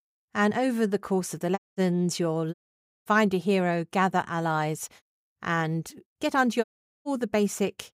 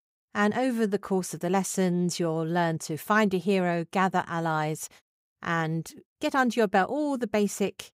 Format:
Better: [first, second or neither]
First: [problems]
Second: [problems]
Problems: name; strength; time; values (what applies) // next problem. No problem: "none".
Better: second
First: audio cutting out; at 1.5 s, at 2.5 s for 0.5 s and at 6.5 s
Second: none